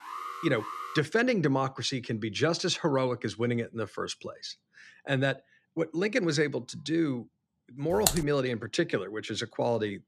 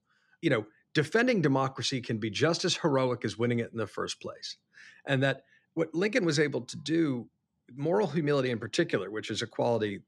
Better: second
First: alarm; noticeable; at the start; peak 8 dB below the speech // keyboard typing; loud; at 8 s; peak 2 dB above the speech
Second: none

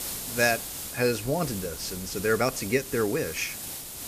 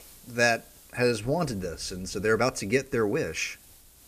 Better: second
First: hiss; loud; throughout; 7 dB below the speech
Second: hiss; faint; throughout; 25 dB below the speech

